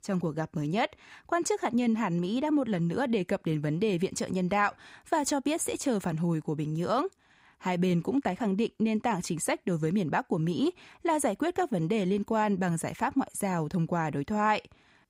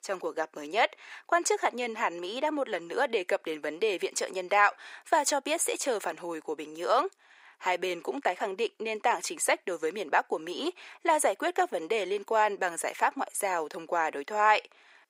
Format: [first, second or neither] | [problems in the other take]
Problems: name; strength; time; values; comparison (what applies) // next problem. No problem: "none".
first | thin; very; fading below 400 Hz